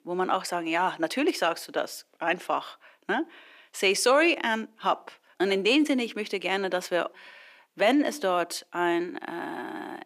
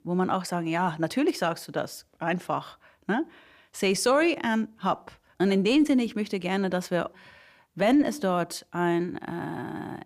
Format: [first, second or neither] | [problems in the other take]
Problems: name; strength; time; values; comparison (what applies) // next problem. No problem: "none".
second | thin; very slightly; fading below 300 Hz